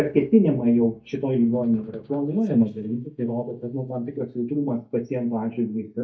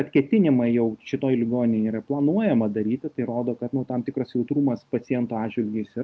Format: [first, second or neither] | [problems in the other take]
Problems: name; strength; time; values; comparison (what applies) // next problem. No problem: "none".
second | noise reduction (neural mask model DeepFilterNet 3)